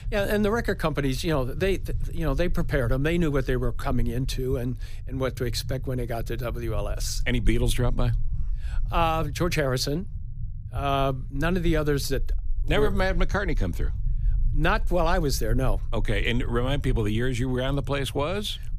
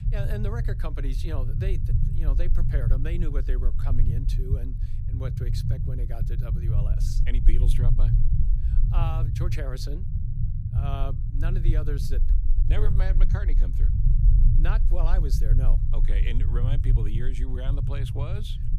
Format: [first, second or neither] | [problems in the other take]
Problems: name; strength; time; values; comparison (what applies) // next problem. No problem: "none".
first | low rumble; loud; throughout; 3 dB below the speech; faint in the first